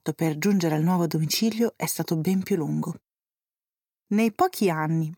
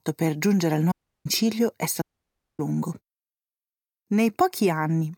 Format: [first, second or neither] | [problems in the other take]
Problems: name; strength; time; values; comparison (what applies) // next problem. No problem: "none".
first | audio cutting out; at 1 s and at 2 s for 0.5 s